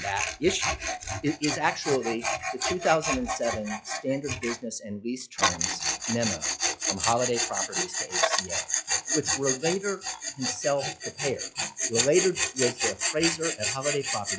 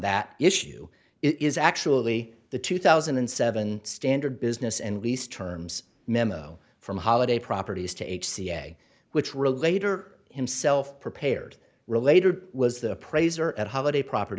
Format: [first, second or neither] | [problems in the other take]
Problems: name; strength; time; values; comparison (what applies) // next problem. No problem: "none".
second | noise reduction (classical method log-MMSE)